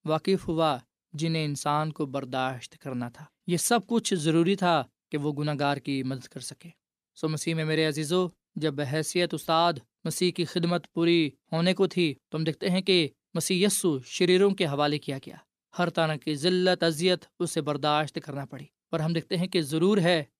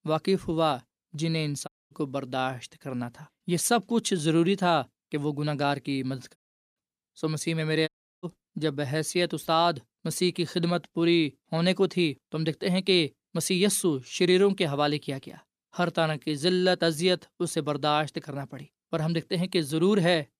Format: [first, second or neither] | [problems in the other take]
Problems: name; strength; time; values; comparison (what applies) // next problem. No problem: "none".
first | audio cutting out; at 1.5 s, at 6.5 s and at 8 s